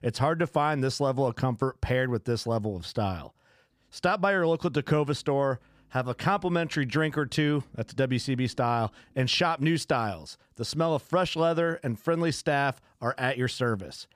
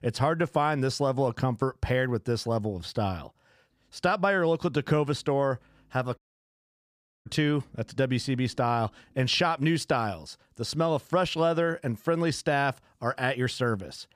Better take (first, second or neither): first